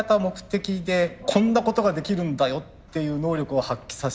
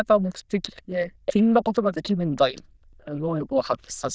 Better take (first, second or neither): first